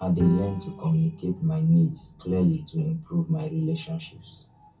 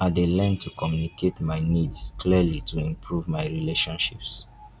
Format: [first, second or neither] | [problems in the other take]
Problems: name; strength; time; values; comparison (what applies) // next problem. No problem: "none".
second | background sound (Bowed string instrument); 14 dB below the speech // room echo; dies away in 0.3 s